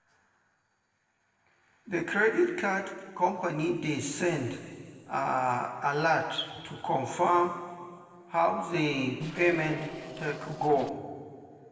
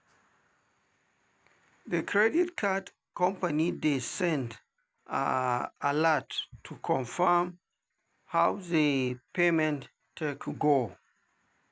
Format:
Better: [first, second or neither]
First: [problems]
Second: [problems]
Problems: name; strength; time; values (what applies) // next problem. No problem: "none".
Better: second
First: noise reduction (neural separator model SepFormer DNS4)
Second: none